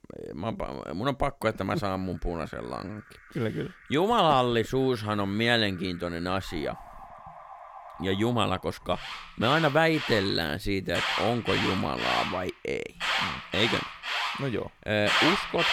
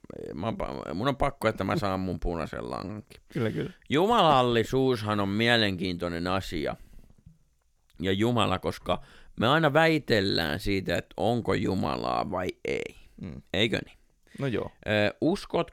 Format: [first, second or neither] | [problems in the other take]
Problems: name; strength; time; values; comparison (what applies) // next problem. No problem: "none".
second | alarms or sirens; loud; throughout; 1 dB below the speech